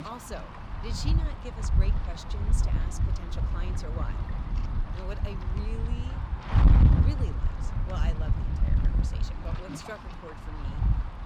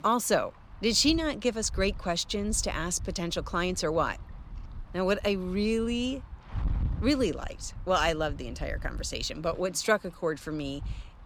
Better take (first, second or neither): second